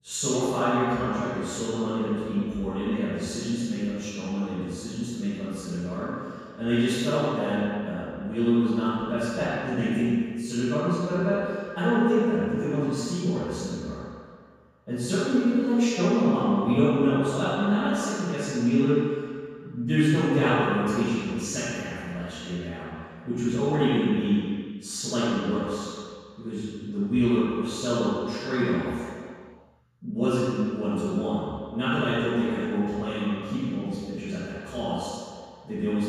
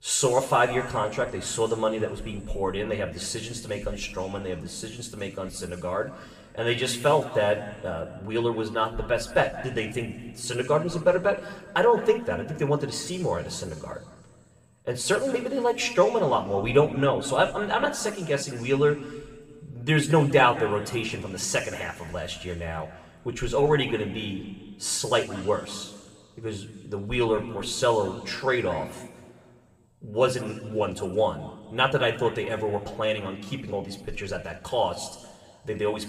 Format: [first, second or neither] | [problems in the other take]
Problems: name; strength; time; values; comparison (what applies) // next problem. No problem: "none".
second | room echo; strong; dies away in 1.8 s; slight in the second // off-mic speech; far